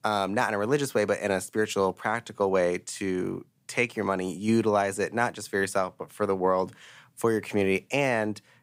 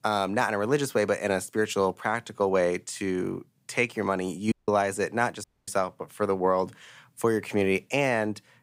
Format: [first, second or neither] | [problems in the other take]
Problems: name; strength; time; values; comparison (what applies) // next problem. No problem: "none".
first | audio cutting out; at 4.5 s and at 5.5 s